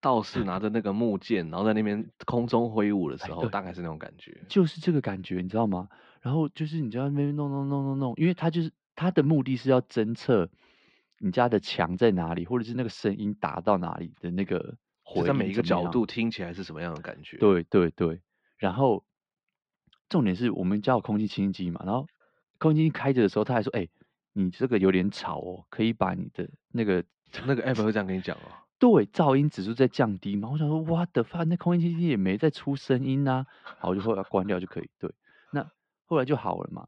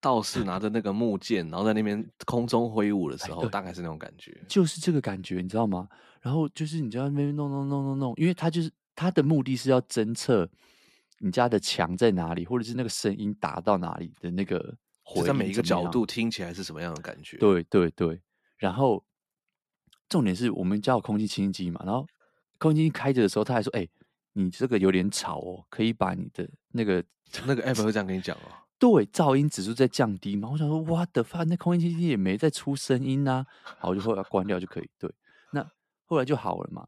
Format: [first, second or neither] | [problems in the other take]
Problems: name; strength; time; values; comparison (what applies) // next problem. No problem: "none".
second | muffled; slightly; fading above 3.5 kHz